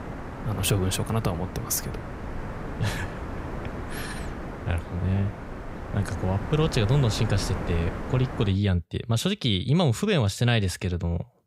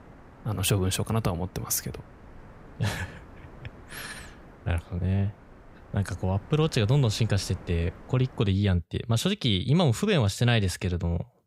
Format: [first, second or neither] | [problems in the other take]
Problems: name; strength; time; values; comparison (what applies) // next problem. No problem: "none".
second | wind noise on the microphone; heavy; until 8.5 s; 7 dB below the speech; occasional gusts in the second